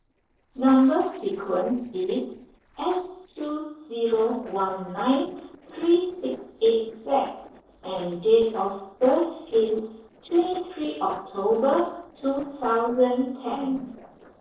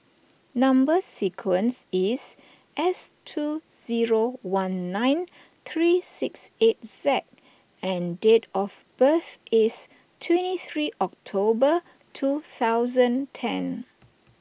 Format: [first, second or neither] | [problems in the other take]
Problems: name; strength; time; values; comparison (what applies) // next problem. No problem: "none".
second | noise reduction (neural separator model SepFormer DNS4)